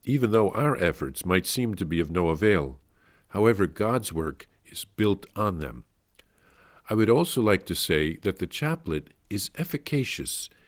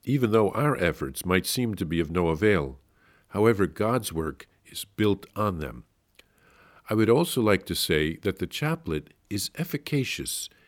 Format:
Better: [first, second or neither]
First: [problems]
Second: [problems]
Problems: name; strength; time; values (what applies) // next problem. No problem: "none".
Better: second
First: garbled, watery; slightly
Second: none